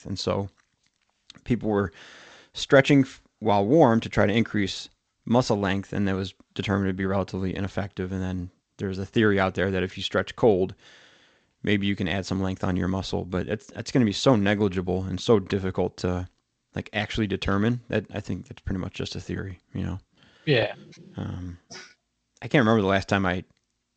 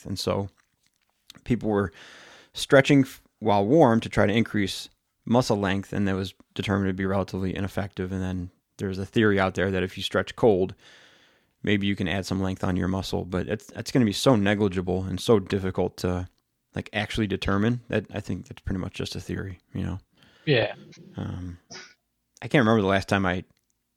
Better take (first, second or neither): second